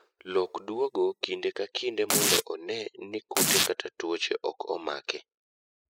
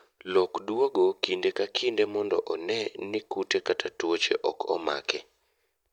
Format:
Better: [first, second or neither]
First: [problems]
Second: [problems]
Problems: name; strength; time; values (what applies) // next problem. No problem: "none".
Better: second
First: noise reduction (classical method spectral subtraction)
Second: none